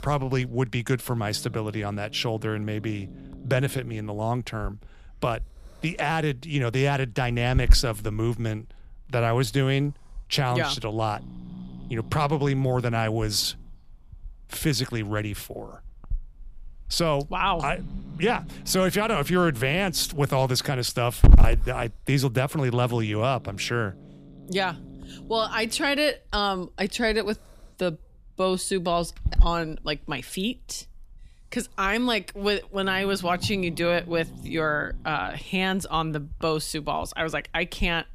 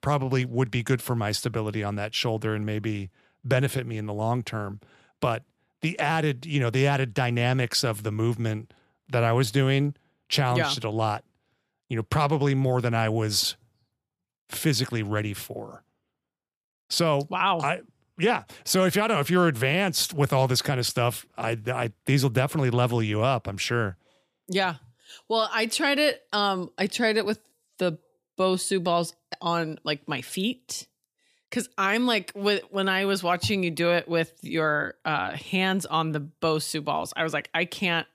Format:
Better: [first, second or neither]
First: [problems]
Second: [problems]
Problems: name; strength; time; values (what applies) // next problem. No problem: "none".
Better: second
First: hiss; loud; throughout; 5 dB below the speech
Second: none